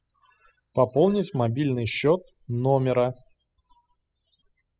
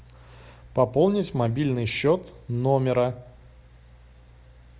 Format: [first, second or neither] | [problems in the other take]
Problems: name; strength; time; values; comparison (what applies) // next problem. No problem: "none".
second | noise reduction (classical method spectral subtraction)